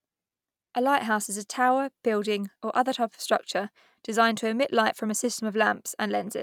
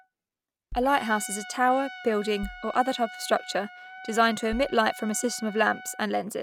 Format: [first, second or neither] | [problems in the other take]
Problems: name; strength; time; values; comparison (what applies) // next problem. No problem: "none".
first | background sound (Bass drum + Trumpet); 15 dB below the speech